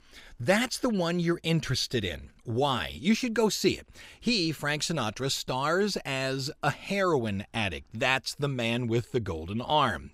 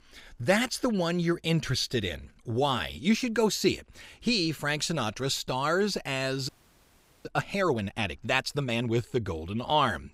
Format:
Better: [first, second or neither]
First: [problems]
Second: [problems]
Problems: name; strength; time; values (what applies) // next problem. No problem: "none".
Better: first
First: none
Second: audio freezing; at 6.5 s for 1 s